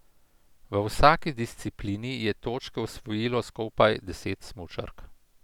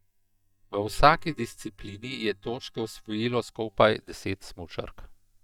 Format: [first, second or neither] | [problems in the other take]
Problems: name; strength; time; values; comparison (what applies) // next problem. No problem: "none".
first | noise reduction (neural mask model DeepFilterNet 3)